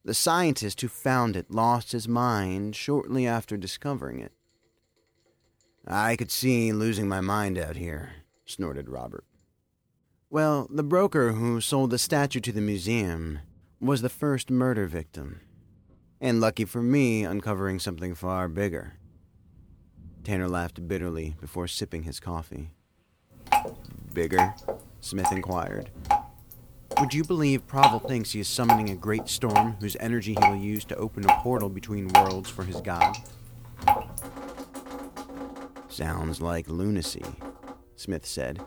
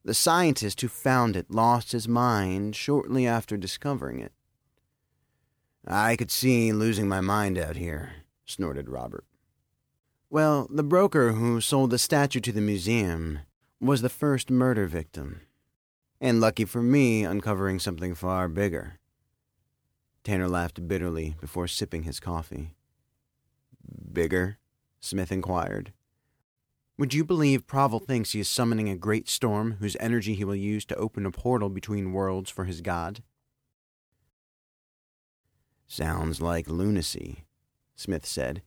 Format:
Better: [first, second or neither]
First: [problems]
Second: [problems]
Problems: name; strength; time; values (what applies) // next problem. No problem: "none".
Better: second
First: rain or running water; very loud; throughout; 1 dB above the speech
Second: none